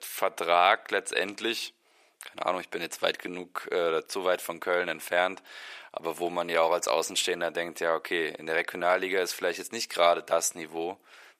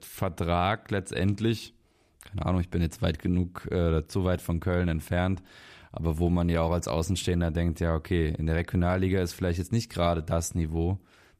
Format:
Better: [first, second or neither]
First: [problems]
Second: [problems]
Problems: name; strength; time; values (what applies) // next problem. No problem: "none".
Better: second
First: thin; very; fading below 500 Hz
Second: none